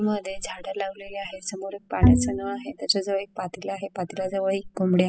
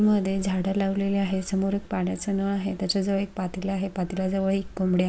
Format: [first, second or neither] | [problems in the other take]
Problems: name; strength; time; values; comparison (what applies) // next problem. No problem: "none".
second | noise reduction (classical method spectral subtraction)